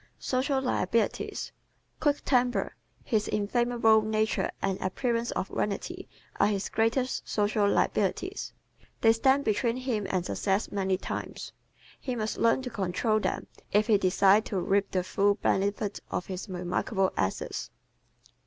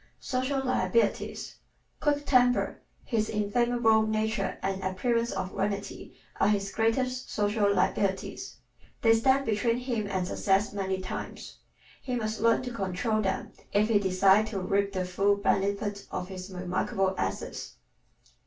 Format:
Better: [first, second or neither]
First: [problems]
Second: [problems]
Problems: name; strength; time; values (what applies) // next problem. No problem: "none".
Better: first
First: none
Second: room echo; dies away in 0.2 s